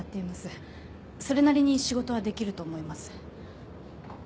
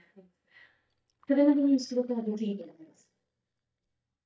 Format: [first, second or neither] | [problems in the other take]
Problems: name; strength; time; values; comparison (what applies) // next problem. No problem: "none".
first | noise reduction (neural mask model DeepFilterNet 3)